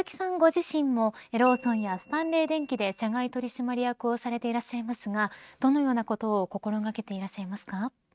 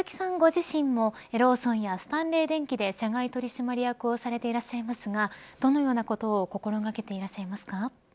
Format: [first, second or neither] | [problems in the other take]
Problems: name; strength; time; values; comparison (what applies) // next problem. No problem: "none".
second | noise reduction (neural mask model RNNoise)